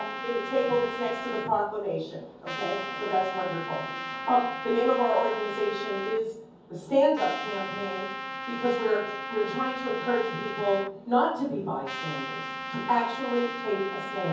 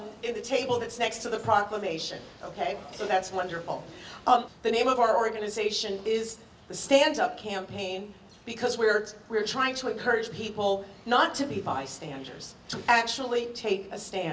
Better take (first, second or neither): second